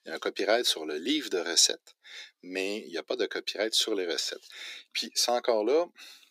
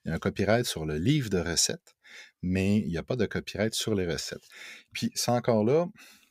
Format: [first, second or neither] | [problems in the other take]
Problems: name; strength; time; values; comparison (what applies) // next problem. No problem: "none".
second | thin; somewhat; fading below 300 Hz